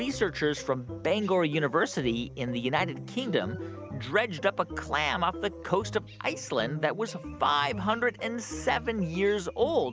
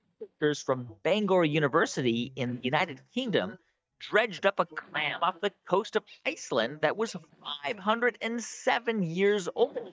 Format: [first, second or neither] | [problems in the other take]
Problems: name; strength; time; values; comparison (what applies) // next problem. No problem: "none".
first | noise reduction (neural mask model DeepFilterNet 3)